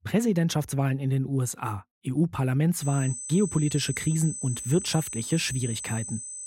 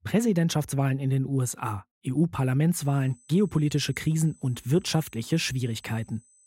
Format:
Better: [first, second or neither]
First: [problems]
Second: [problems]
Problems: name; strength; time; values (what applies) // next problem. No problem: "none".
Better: second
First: high-pitched whine; loud; from 3 s on; 8 kHz, 7 dB below the speech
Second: high-pitched whine; faint; from 3 s on; 8 kHz, 30 dB below the speech